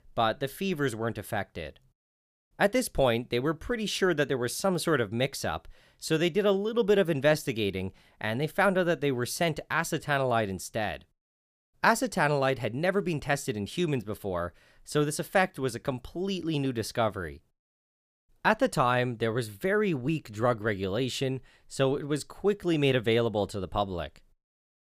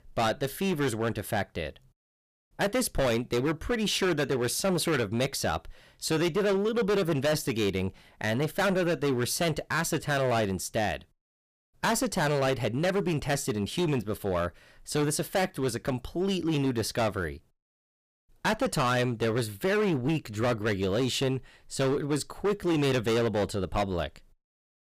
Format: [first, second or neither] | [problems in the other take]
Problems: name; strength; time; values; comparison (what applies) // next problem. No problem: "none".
first | distortion; heavy; 14% of the sound clipped